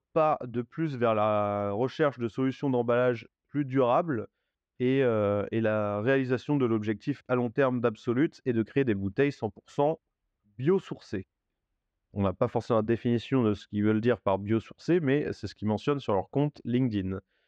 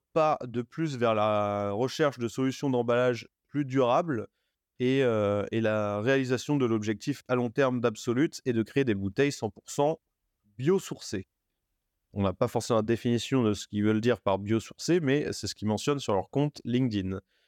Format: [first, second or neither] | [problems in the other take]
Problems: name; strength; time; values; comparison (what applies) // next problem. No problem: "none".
second | muffled; slightly; fading above 2.5 kHz